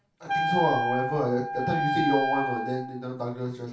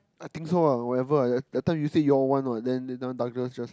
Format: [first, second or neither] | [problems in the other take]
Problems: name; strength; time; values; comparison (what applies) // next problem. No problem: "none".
second | background sound (Wind instrument, woodwind instrument); as loud as the speech // room echo; dies away in 0.3 s